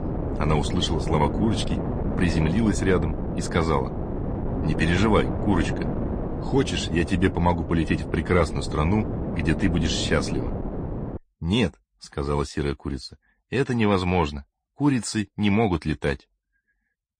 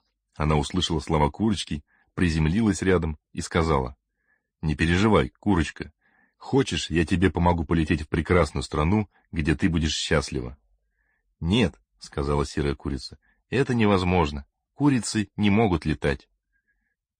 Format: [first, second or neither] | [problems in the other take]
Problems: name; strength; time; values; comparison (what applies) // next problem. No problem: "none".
second | wind noise on the microphone; heavy; until 11 s; 7 dB below the speech